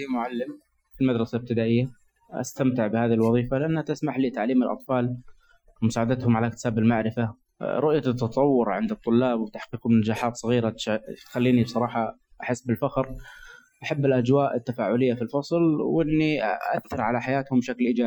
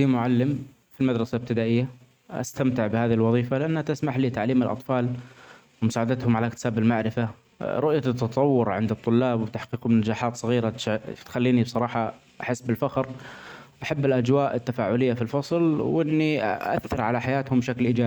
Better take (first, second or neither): second